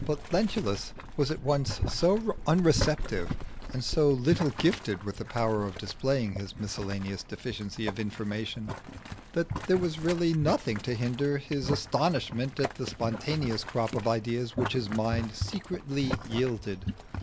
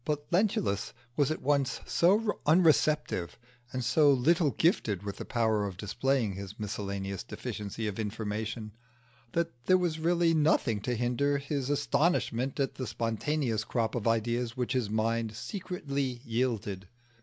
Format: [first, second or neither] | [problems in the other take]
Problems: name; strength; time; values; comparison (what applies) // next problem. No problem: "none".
second | background sound (Boiling); 8 dB below the speech